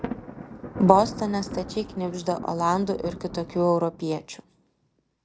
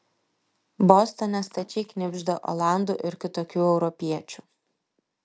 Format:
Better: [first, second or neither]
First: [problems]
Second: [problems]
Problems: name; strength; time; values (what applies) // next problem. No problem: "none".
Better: second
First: background sound (Thunder); 13 dB below the speech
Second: none